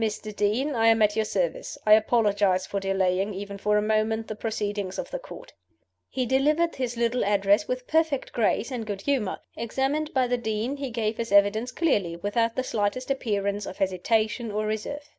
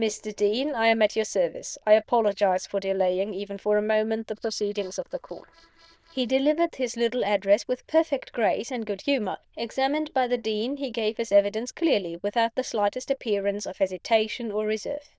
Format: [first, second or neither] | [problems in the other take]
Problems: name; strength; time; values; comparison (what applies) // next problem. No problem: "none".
first | noise reduction (neural diffusion model UNIVERSE++)